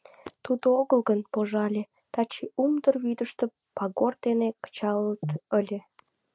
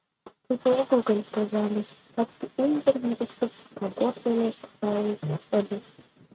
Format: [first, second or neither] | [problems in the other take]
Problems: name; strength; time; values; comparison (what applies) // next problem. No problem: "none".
first | noise reduction (neural mask model RNNoise)